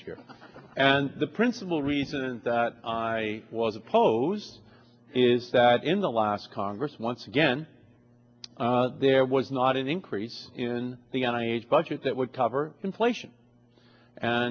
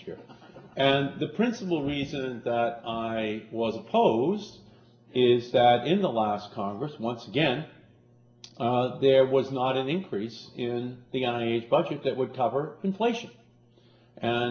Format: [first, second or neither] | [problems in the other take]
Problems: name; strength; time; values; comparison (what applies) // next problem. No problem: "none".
first | room echo; dies away in 0.6 s